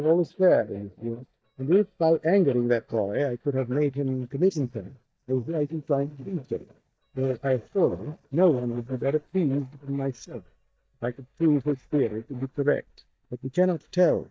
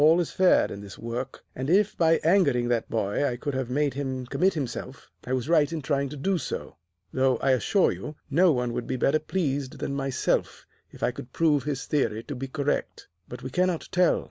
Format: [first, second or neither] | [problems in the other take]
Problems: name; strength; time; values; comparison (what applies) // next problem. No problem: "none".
second | noise reduction (neural mask model DeepFilterNet 3)